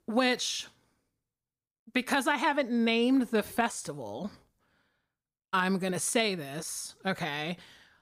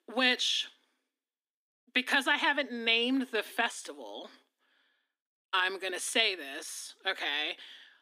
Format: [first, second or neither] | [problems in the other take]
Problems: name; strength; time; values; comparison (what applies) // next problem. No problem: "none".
first | thin; very slightly; fading below 250 Hz